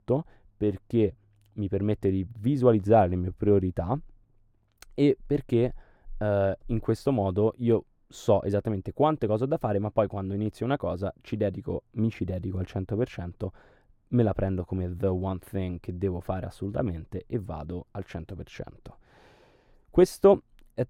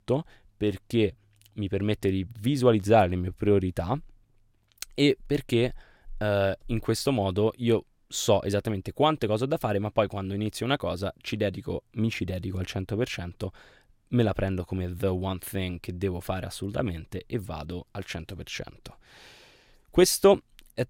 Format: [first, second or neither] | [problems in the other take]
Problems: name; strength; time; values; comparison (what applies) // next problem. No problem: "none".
second | muffled; slightly; fading above 1.5 kHz